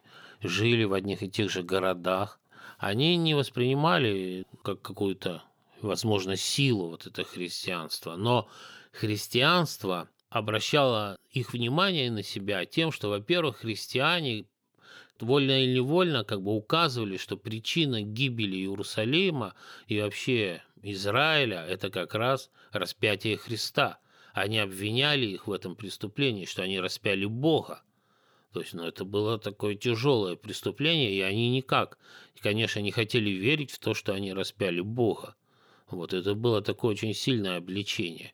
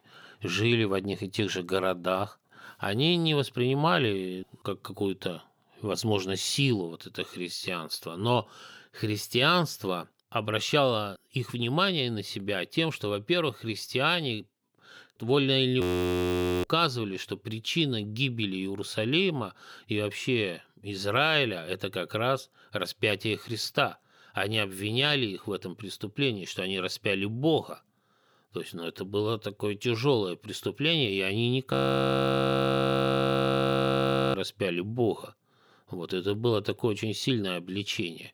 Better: first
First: none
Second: audio freezing; at 16 s for 1 s and at 32 s for 2.5 s

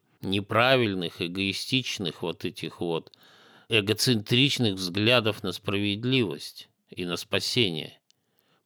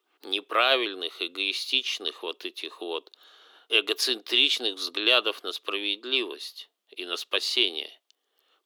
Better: first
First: none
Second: thin; very; fading below 350 Hz

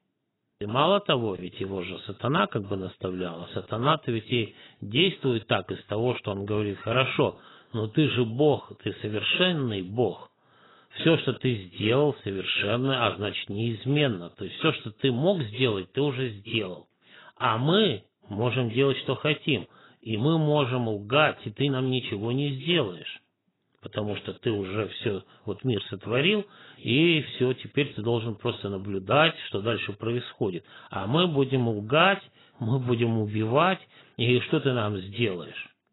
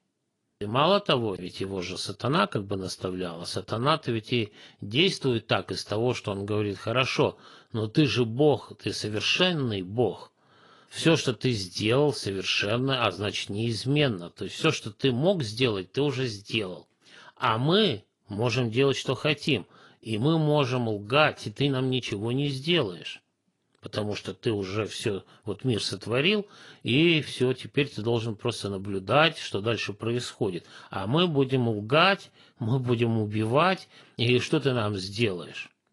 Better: second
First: garbled, watery; badly; nothing above 4 kHz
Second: garbled, watery; slightly; nothing above 10.5 kHz

